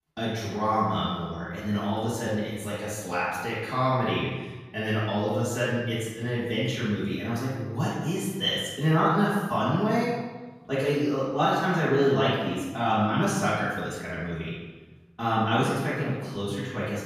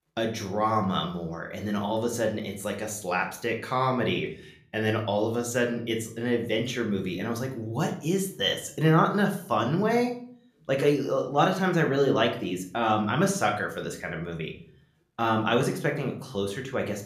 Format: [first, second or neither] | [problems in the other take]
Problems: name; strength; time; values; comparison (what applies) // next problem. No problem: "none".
second | room echo; strong; dies away in 1.2 s; slight in the second // off-mic speech; far